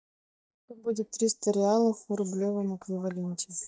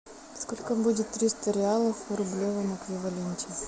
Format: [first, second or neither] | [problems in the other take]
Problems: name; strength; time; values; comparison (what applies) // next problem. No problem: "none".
second | noise reduction (neural mask model DeepFilterNet 3)